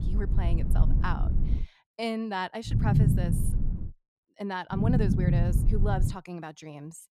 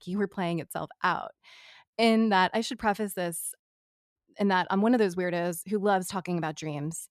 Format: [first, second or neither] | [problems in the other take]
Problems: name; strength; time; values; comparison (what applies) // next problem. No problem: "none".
second | low rumble; loud; until 1.5 s, from 2.5 to 4 s and from 5 to 6 s; 4 dB below the speech